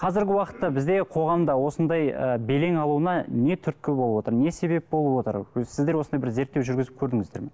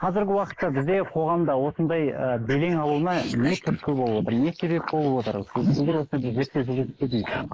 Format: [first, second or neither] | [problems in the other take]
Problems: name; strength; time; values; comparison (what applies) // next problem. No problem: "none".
first | noise reduction (neural mask model Resemble Enhance denoiser)